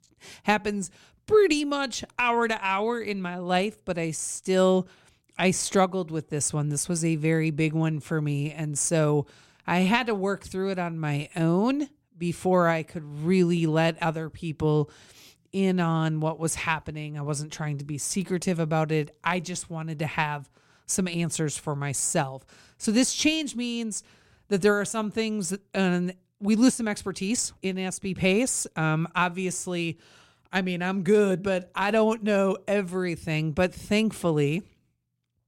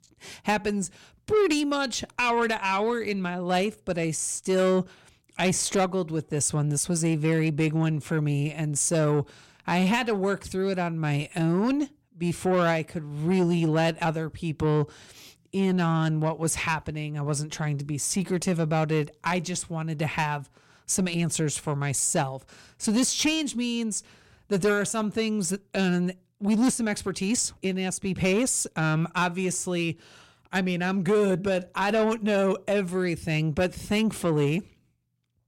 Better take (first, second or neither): first